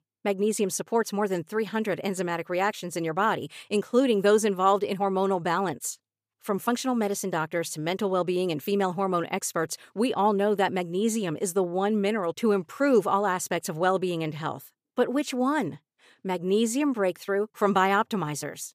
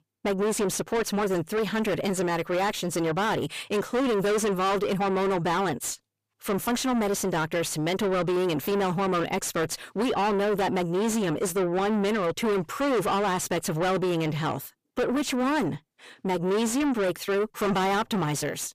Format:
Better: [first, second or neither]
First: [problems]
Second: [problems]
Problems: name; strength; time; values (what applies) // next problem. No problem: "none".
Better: first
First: none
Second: distortion; heavy; 5 dB below the speech